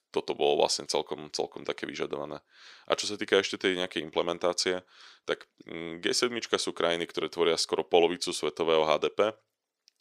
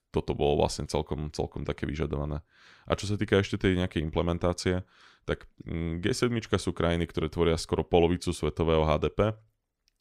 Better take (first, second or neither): second